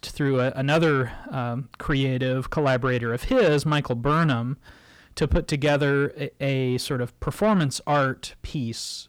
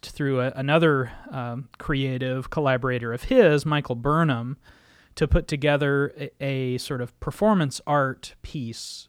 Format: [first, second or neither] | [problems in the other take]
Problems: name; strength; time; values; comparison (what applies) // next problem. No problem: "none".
second | distortion; slight; 10 dB below the speech